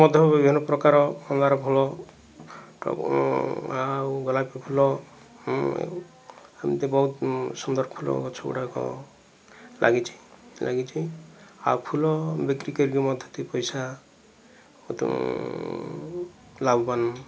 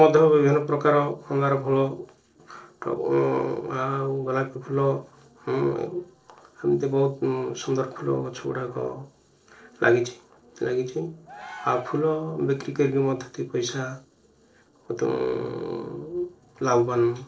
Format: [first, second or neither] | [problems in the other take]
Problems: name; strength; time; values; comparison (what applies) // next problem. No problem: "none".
first | noise reduction (neural separator model SepFormer DNS4)